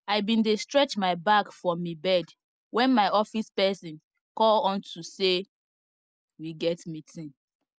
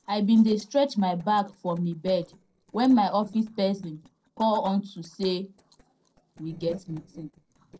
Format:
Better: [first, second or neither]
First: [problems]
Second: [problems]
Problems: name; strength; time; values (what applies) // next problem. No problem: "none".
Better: first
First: none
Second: noise reduction (neural separator model SepFormer DNS4)